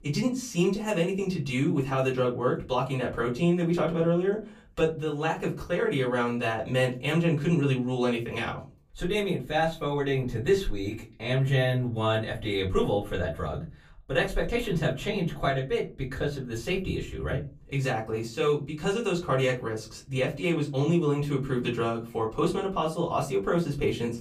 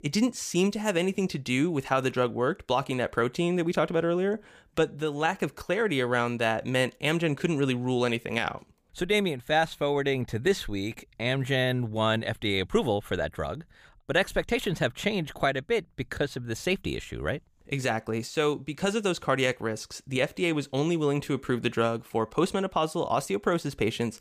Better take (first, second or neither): second